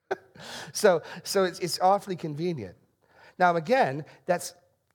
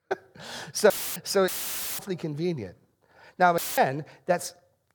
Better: first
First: none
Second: audio cutting out; filled with static; at 1 s, at 1.5 s for 0.5 s and at 3.5 s

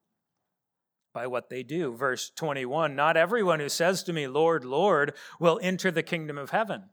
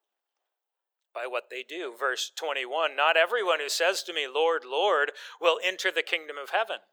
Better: first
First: none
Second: thin; very; fading below 400 Hz

